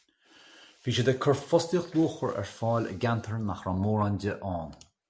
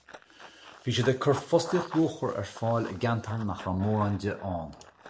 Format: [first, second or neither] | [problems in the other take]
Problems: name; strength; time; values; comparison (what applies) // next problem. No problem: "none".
first | background sound (Run); 16 dB below the speech